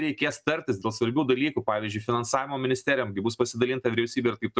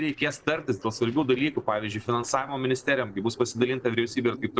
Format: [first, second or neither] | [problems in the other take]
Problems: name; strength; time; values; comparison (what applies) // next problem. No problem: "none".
first | noise reduction (neural separator model SepFormer DNS4)